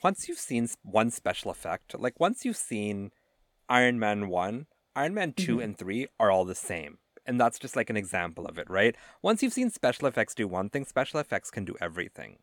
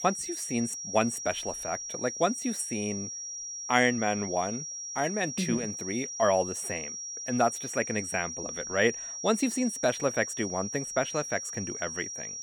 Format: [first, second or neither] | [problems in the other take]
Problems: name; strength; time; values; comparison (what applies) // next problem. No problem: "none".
first | high-pitched whine; loud; throughout; 5.5 kHz, 5 dB below the speech